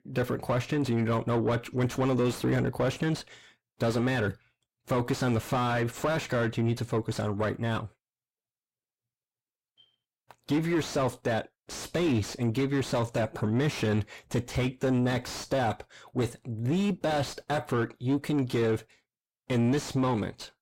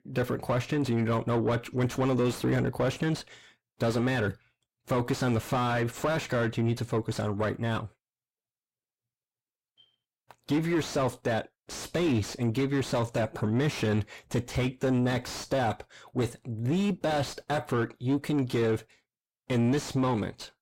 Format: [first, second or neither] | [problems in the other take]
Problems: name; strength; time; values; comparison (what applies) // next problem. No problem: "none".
neither | distortion; heavy; 6 dB below the speech; the same in both